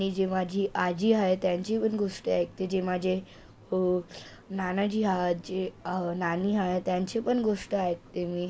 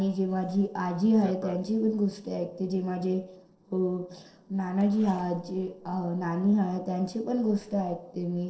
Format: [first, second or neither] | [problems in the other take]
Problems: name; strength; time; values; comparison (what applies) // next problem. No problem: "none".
first | noise reduction (neural separator model SepFormer DNS4)